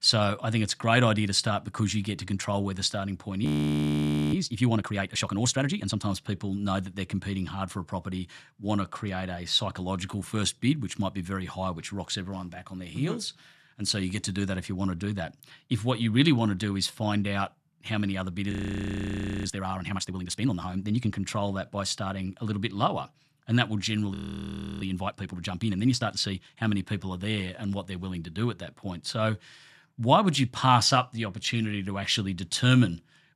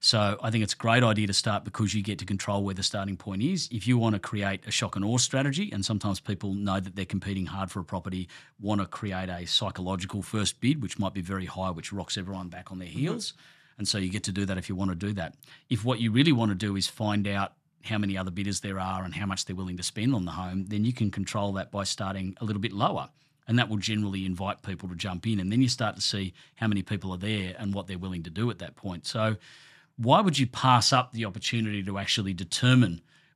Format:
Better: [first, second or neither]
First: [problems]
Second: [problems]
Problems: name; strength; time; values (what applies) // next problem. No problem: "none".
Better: second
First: audio freezing; at 3.5 s for 1 s, at 19 s for 1 s and at 24 s for 0.5 s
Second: none